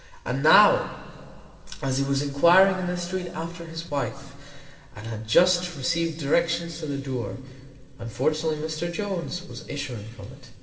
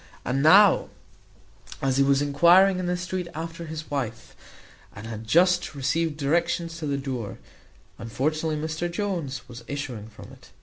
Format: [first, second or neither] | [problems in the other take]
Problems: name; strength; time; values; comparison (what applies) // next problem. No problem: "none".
second | room echo; dies away in 2.6 s